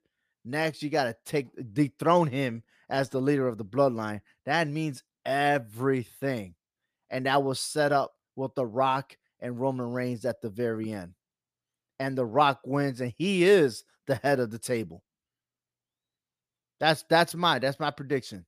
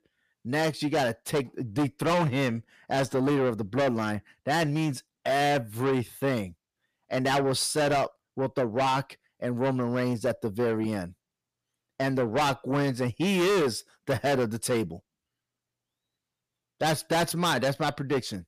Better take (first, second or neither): first